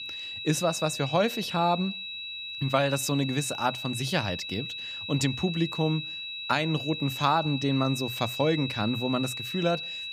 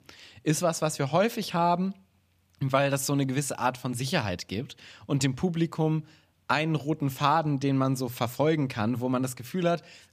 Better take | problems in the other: second | high-pitched whine; loud; throughout; 4 kHz, 6 dB below the speech

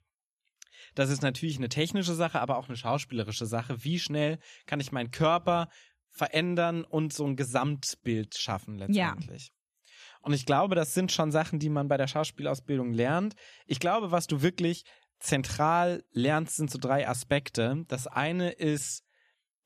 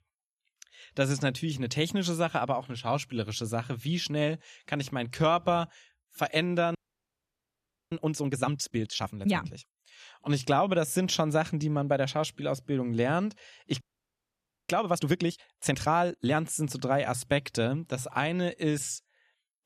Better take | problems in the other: first | audio freezing; at 7 s for 1 s and at 14 s for 1 s

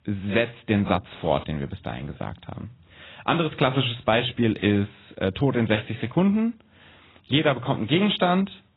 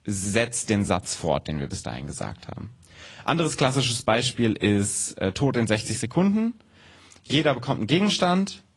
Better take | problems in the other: second | garbled, watery; badly; nothing above 4 kHz; slightly in the second

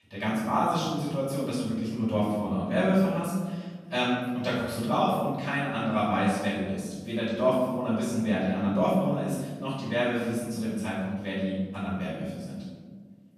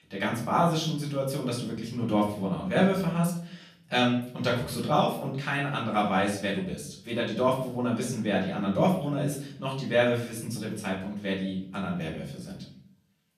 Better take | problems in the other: second | room echo; strong; dies away in 1.4 s; slight in the second // off-mic speech; far; far in the second

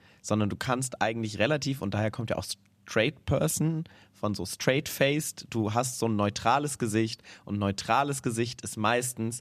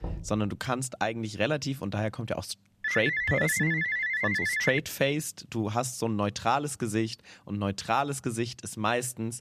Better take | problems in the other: first | door banging; noticeable; at the start; peak 9 dB below the speech // phone ringing; loud; from 3 to 5 s; peak 3 dB above the speech

